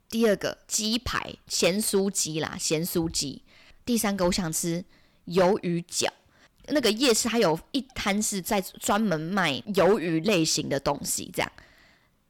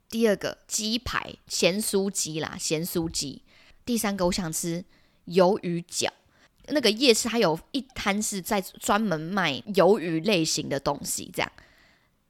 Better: second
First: distortion; slight; 3% of the sound clipped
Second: none

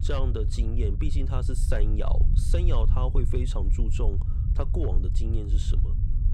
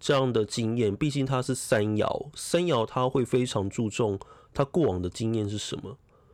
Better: second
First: low rumble; loud; throughout; 7 dB below the speech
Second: none

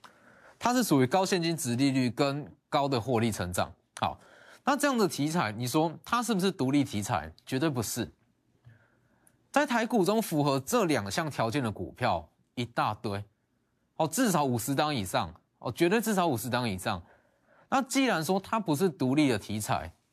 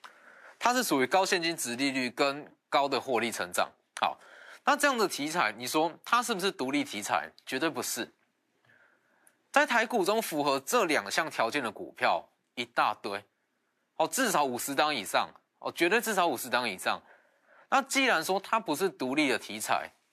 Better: first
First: none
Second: thin; somewhat; fading below 350 Hz

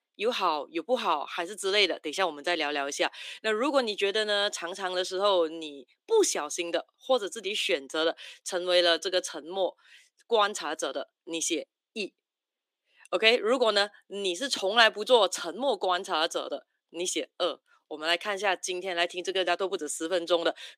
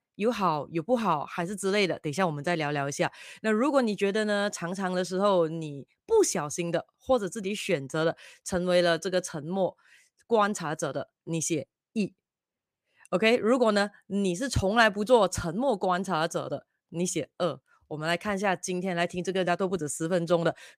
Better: second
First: thin; somewhat; fading below 300 Hz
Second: none

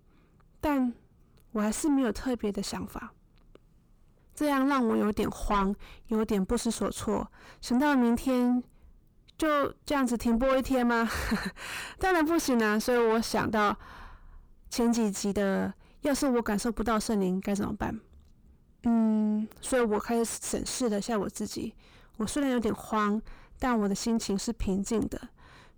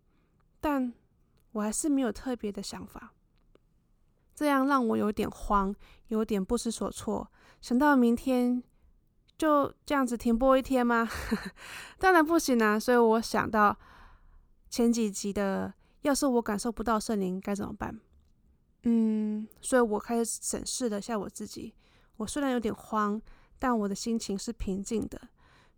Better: second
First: distortion; heavy; 6 dB below the speech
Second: none

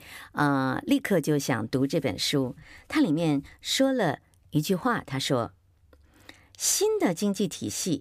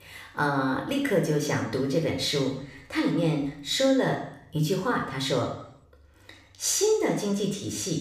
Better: first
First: none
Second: room echo; noticeable; dies away in 0.7 s // off-mic speech; somewhat distant

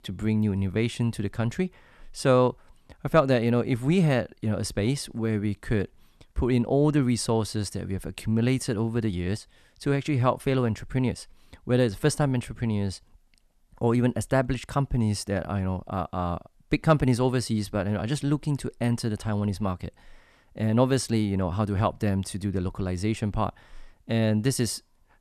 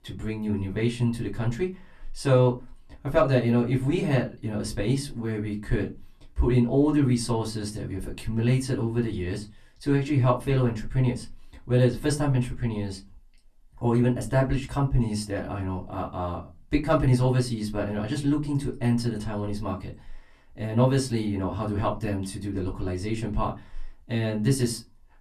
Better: first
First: none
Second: off-mic speech; far // room echo; very slight; dies away in 0.2 s

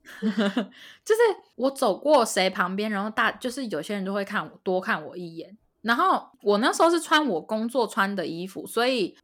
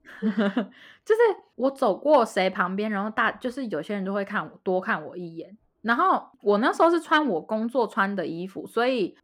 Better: first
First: none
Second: muffled; slightly; fading above 3.5 kHz

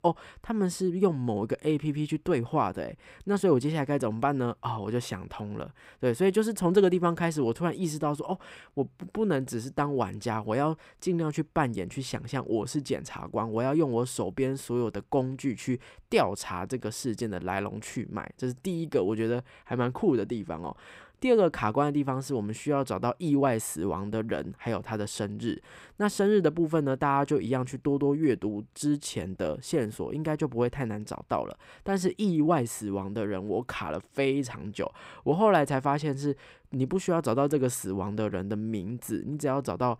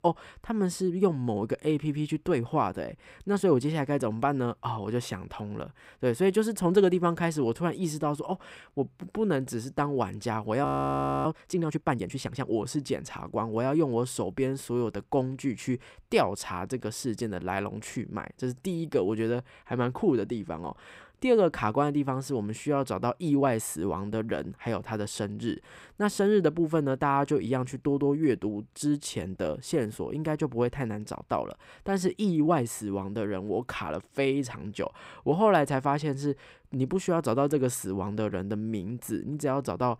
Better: first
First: none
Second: audio freezing; at 11 s for 0.5 s

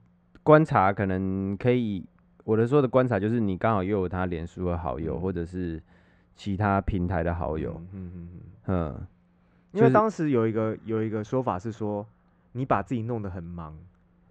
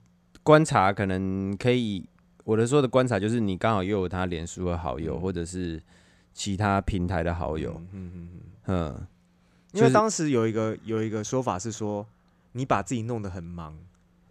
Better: second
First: muffled; very; fading above 4 kHz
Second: none

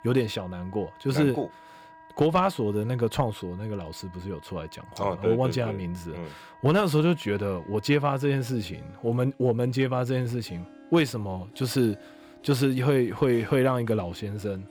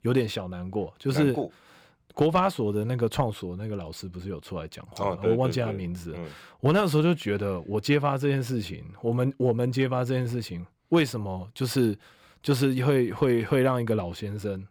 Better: second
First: background music; faint; throughout; 25 dB below the speech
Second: none

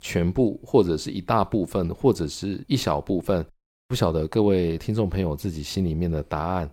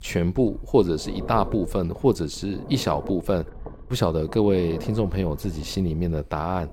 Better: first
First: none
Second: low rumble; noticeable; throughout; 15 dB below the speech

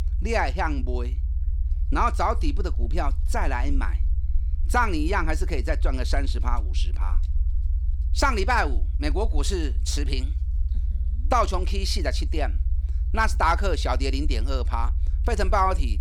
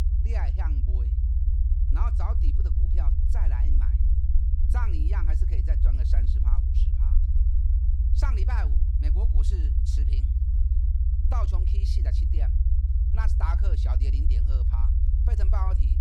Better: first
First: low rumble; faint; throughout; 20 dB below the speech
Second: low rumble; loud; throughout; 3 dB below the speech

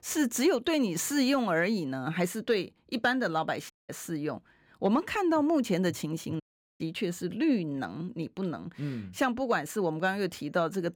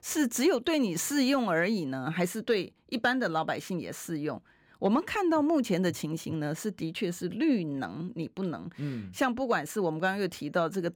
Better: second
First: audio cutting out; at 3.5 s and at 6.5 s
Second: none

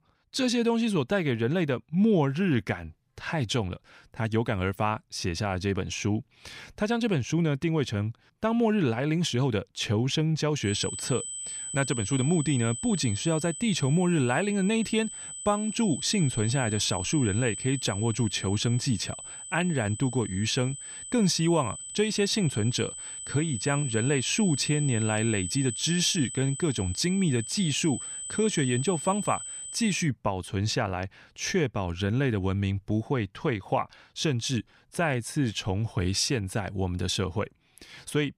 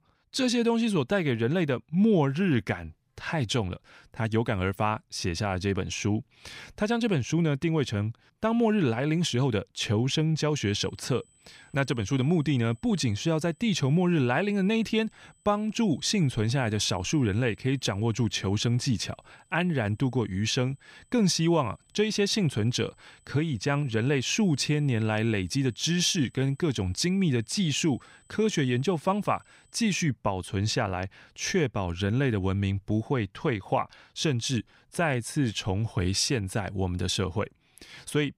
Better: second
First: high-pitched whine; loud; from 11 to 30 s; 8 kHz, 7 dB below the speech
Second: high-pitched whine; faint; from 11 to 30 s; 8 kHz, 35 dB below the speech

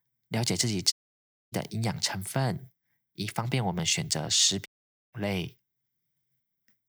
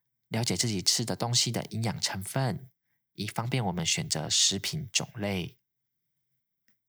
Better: second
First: audio cutting out; at 1 s for 0.5 s and at 4.5 s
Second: none

